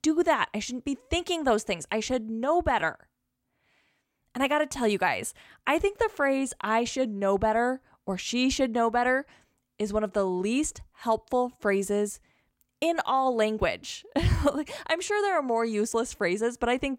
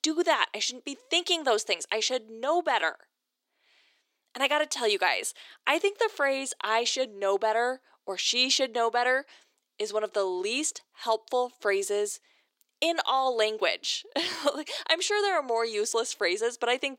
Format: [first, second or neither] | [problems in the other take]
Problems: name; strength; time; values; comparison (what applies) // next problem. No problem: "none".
first | thin; somewhat; fading below 350 Hz